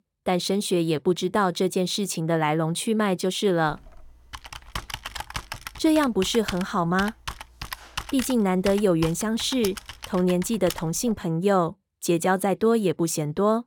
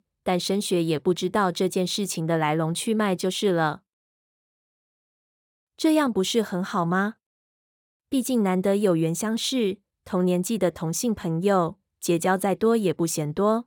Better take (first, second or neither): second